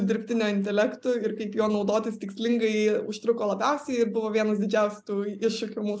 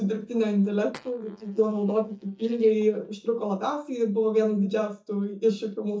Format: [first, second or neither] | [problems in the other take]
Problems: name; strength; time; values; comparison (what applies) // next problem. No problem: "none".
first | noise reduction (neural mask model DeepFilterNet 3)